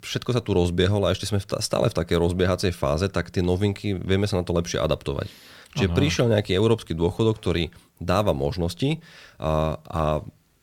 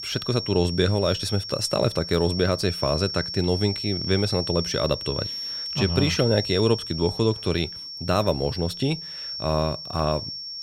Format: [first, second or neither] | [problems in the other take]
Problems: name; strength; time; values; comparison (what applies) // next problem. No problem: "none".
first | high-pitched whine; loud; throughout; 5.5 kHz, 6 dB below the speech